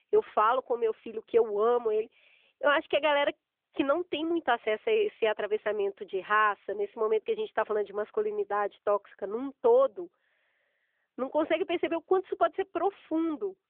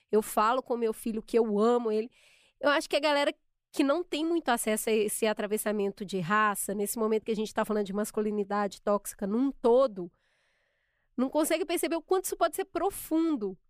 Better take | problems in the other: second | phone-call audio; nothing above 3.5 kHz

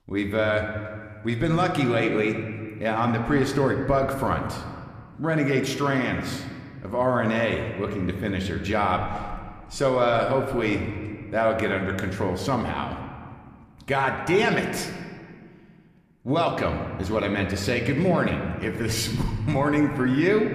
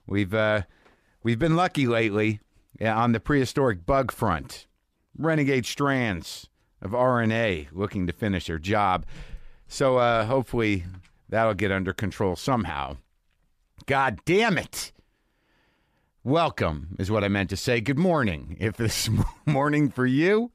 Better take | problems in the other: second | room echo; slight; dies away in 1.7 s

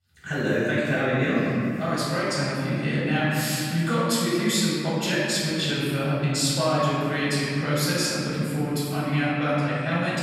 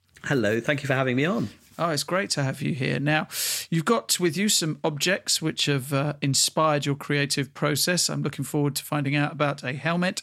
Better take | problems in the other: second | room echo; strong; dies away in 2.6 s // off-mic speech; far

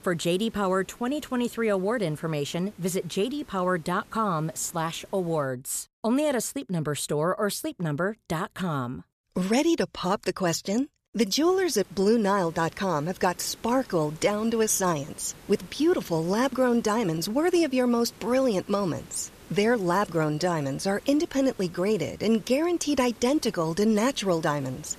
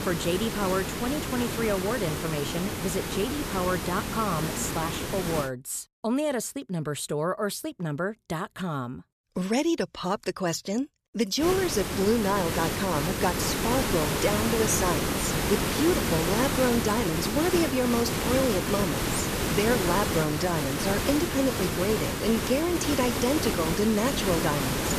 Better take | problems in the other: first | hiss; loud; until 5.5 s and from 11 s on; 1 dB below the speech; faint in the first

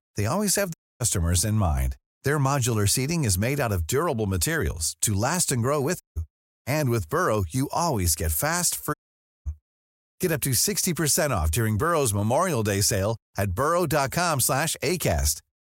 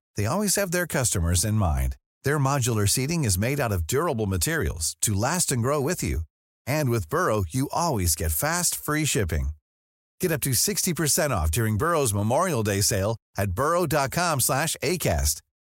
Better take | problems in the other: second | audio cutting out; at 0.5 s, at 6 s and at 9 s for 0.5 s

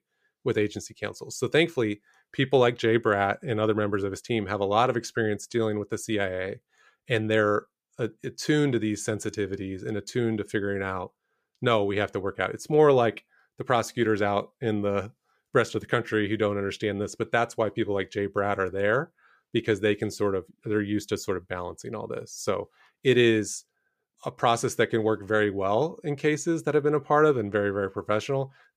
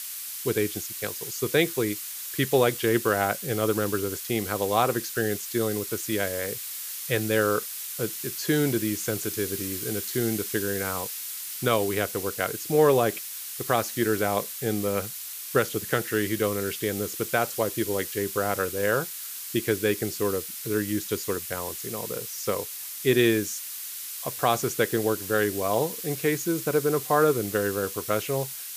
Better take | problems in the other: first | hiss; loud; throughout; 6 dB below the speech

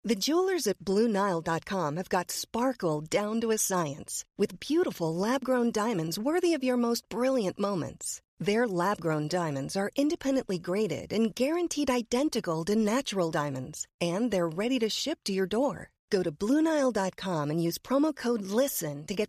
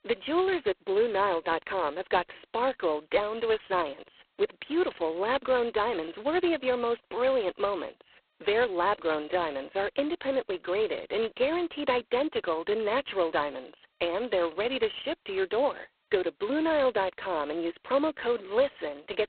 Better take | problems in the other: first | phone-call audio; poor line; nothing above 4 kHz

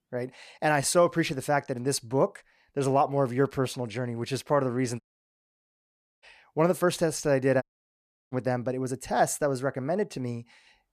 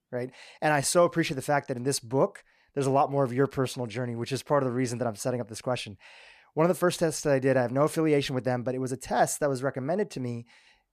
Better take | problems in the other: second | audio cutting out; at 5 s for 1 s and at 7.5 s for 0.5 s

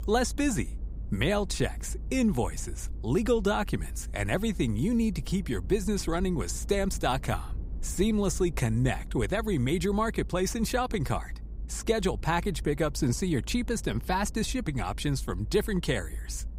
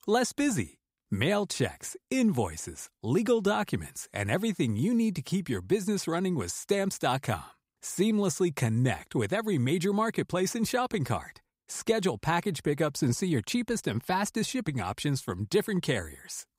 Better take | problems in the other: second | low rumble; faint; throughout; 25 dB below the speech

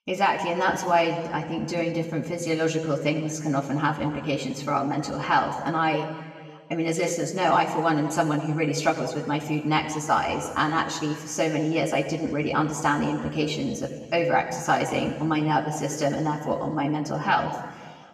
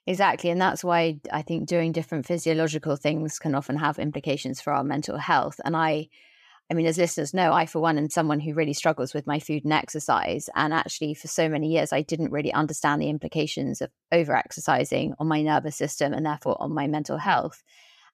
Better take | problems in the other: second | room echo; slight; dies away in 1.6 s // off-mic speech; somewhat distant

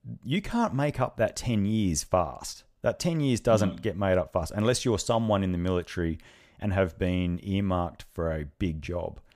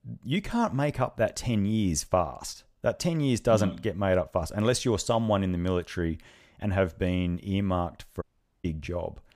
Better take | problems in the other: first | audio cutting out; at 8 s

